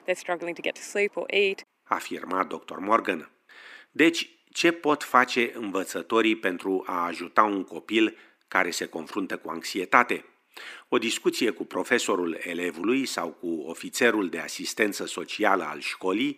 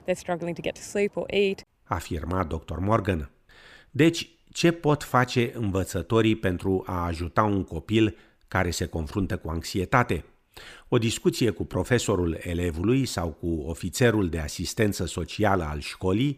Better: second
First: thin; somewhat; fading below 250 Hz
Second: none

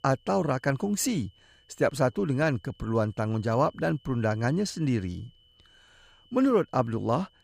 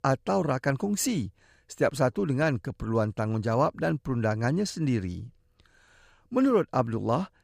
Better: second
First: high-pitched whine; faint; throughout; 3 kHz, 30 dB below the speech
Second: none

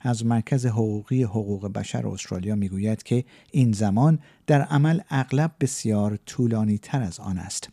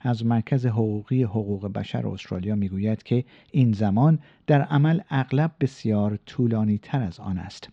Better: first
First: none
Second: muffled; slightly; fading above 4 kHz

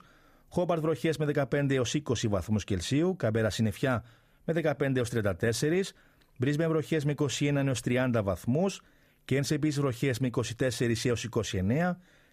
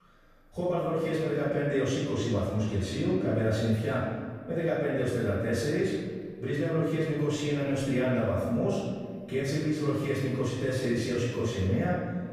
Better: first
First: none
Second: off-mic speech; far // room echo; strong; dies away in 1.7 s

